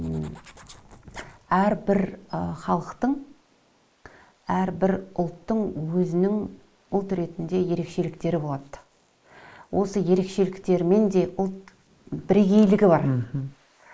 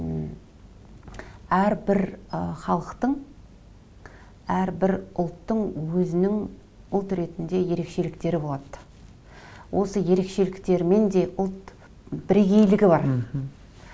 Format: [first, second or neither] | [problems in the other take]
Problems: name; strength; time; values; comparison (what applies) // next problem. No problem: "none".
second | noise reduction (neural mask model Resemble Enhance denoiser)